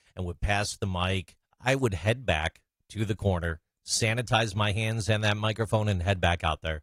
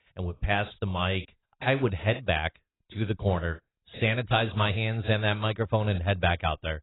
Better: first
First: garbled, watery; slightly; nothing above 14.5 kHz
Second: garbled, watery; badly; nothing above 4 kHz

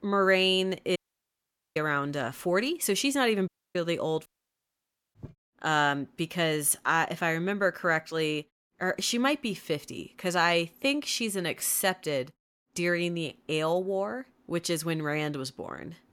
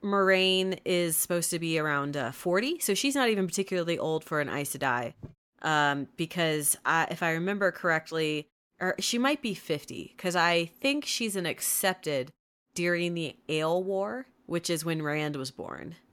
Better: second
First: audio cutting out; at 1 s for 1 s, at 3.5 s and at 4.5 s for 1 s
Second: none

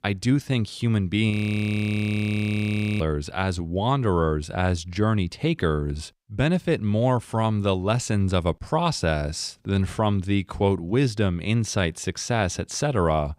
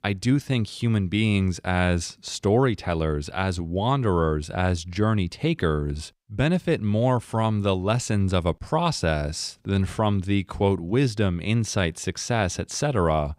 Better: second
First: audio freezing; at 1.5 s for 1.5 s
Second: none

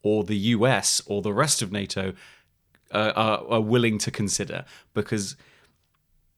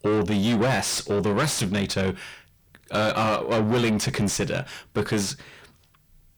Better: first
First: none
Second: distortion; heavy; 5 dB below the speech

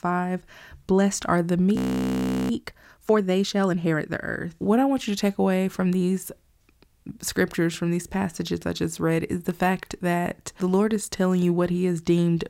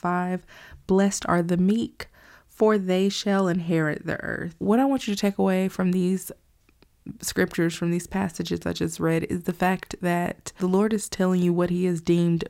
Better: second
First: audio freezing; at 2 s for 0.5 s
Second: none

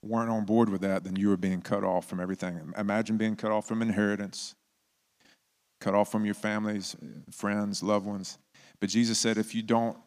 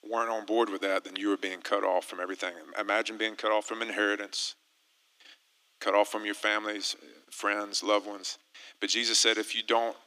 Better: first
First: none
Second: thin; very; fading below 300 Hz

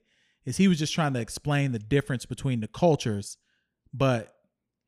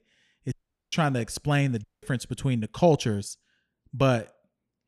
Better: first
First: none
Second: audio cutting out; at 0.5 s and at 2 s

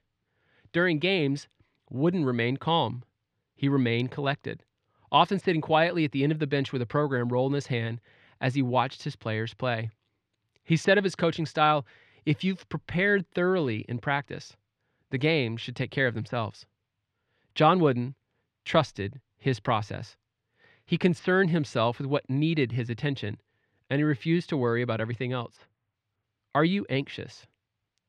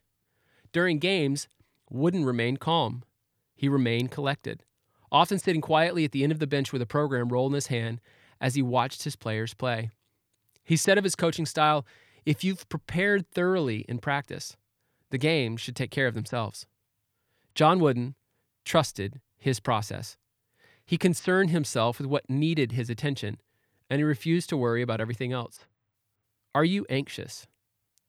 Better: second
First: muffled; very slightly; fading above 3 kHz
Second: none

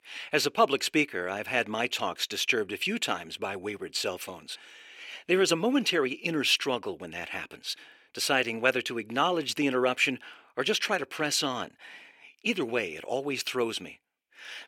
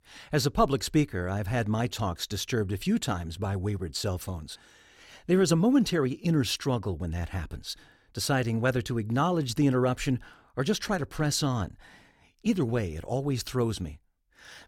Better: second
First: thin; somewhat; fading below 400 Hz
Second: none

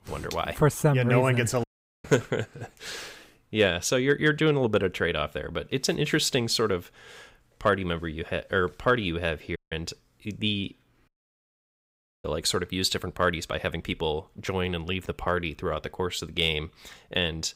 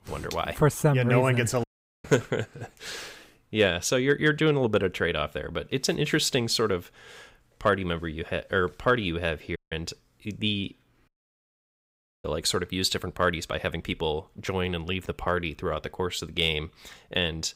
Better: neither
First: audio cutting out; at 1.5 s, at 9.5 s and at 11 s for 1 s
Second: audio cutting out; at 1.5 s, at 9.5 s and at 11 s for 1 s

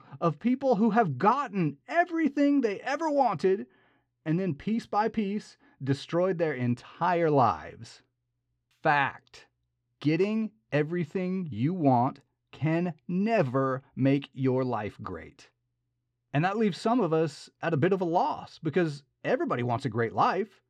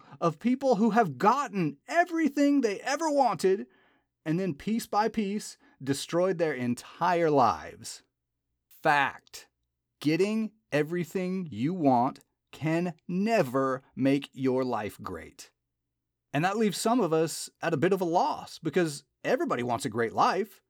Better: second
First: muffled; very slightly; fading above 3.5 kHz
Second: none

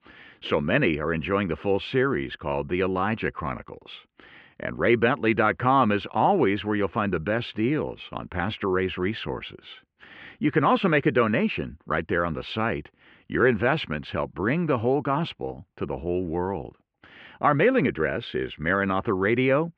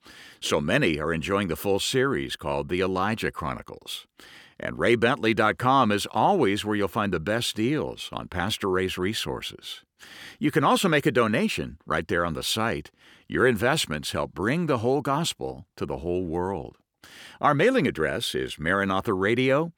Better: second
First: muffled; very; fading above 2.5 kHz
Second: none

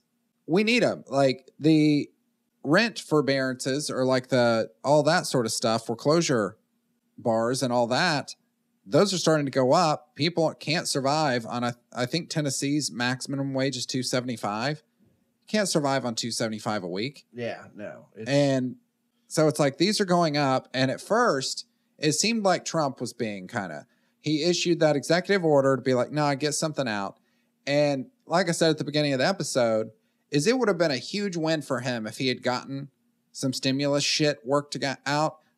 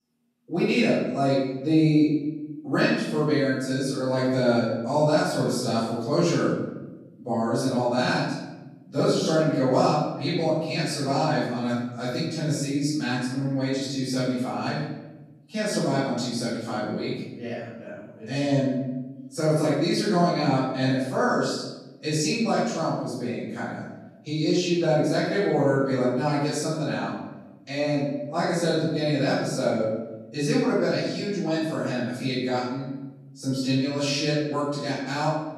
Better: first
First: none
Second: off-mic speech; far // room echo; strong; dies away in 1.1 s

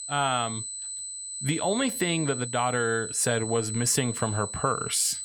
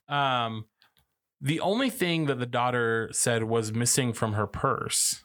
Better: second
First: high-pitched whine; loud; throughout; 8 kHz, 6 dB below the speech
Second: none

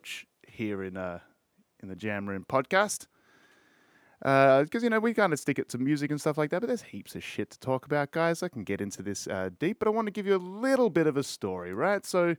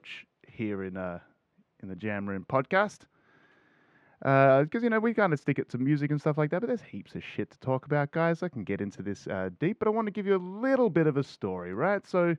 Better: first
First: none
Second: muffled; slightly; fading above 3 kHz

